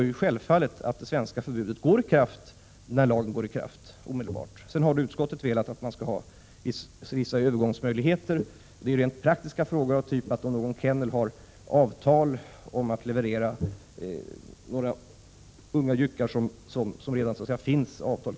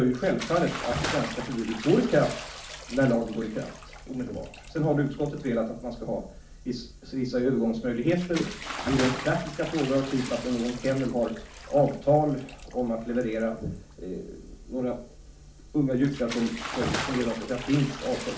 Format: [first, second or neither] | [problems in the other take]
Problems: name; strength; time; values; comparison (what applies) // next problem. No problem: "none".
first | background sound (Bathtub (filling or washing) / Splash, splatter); 11 dB below the speech // room echo; dies away in 0.4 s